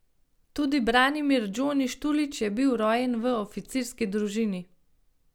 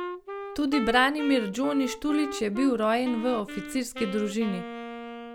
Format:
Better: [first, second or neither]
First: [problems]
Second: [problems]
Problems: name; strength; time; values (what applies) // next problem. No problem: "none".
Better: first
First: none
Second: background sound (Wind instrument, woodwind instrument); 10 dB below the speech